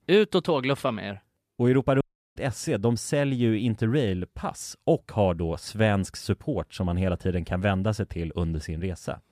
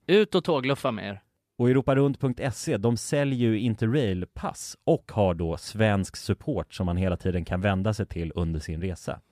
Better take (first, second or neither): second